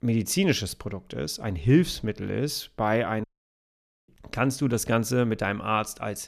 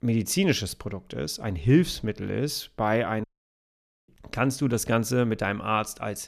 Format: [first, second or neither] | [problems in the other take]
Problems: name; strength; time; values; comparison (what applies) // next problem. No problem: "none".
neither | audio cutting out; at 3 s for 1 s; the same in both